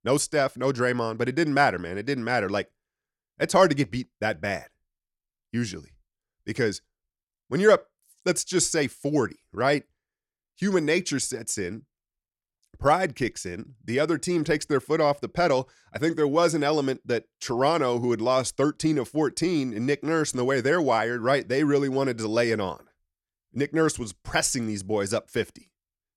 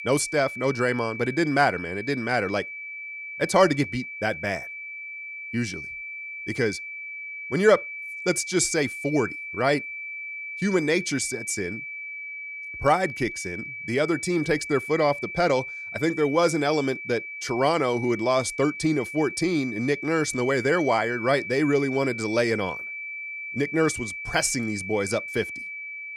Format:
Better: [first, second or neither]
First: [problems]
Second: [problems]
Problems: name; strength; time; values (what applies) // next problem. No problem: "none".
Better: first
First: none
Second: high-pitched whine; loud; throughout; 2.5 kHz, 8 dB below the speech